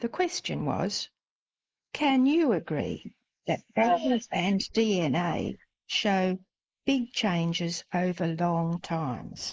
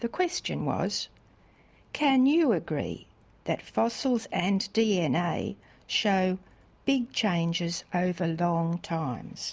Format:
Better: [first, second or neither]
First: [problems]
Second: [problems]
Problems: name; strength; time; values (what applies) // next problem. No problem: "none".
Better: second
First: noise reduction (neural mask model Resemble Enhance denoiser)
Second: none